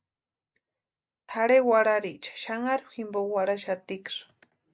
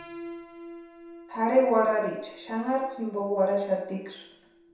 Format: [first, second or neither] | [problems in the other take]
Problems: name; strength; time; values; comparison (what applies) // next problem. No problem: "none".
first | background sound (Piano); 19 dB below the speech // room echo; dies away in 0.7 s